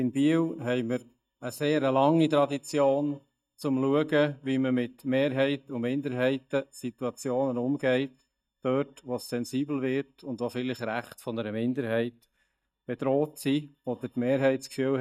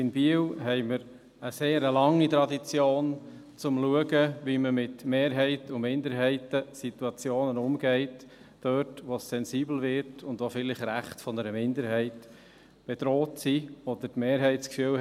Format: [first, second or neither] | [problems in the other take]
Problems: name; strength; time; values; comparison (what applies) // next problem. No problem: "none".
second | noise reduction (neural mask model DeepFilterNet 3)